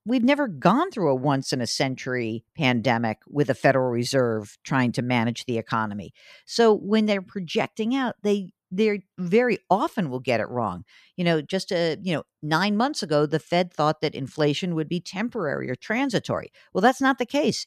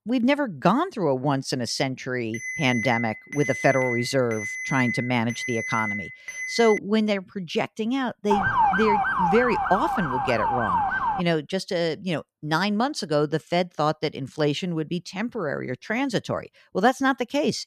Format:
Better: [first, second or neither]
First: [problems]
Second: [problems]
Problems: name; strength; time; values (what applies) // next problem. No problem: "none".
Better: first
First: none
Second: alarm; noticeable; from 2.5 to 7 s; peak 2 dB below the speech // siren; loud; from 8.5 to 11 s; peak 4 dB above the speech